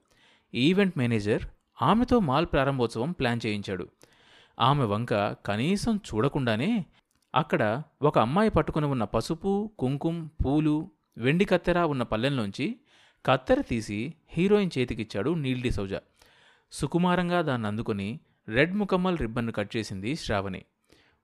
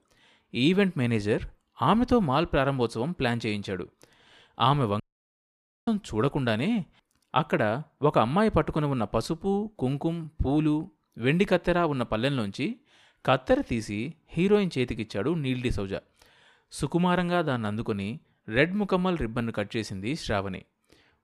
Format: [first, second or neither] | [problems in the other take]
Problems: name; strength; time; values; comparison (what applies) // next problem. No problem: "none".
first | audio cutting out; at 5 s for 1 s